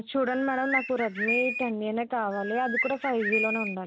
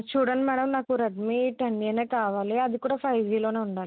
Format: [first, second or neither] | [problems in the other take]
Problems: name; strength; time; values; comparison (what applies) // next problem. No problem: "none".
second | background sound (Bird); 3 dB below the speech